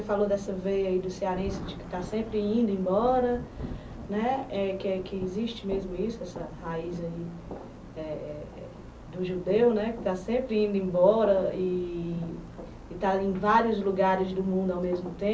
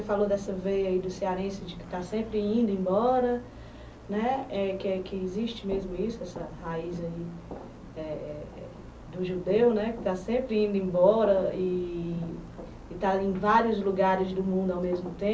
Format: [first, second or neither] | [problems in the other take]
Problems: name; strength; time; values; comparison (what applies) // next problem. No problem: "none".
second | background sound (Thunder); 19 dB below the speech